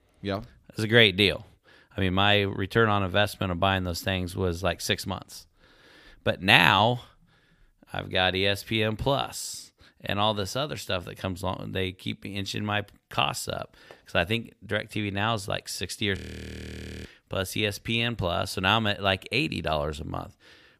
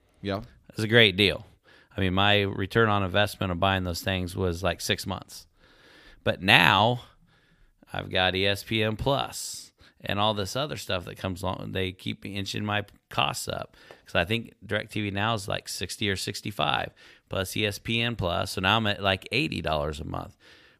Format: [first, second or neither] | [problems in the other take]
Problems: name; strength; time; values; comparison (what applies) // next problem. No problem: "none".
second | audio freezing; at 16 s for 1 s